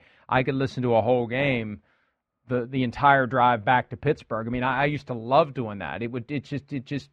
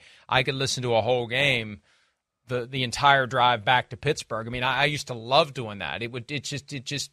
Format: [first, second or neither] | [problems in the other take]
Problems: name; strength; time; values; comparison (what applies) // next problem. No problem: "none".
second | muffled; very; fading above 4 kHz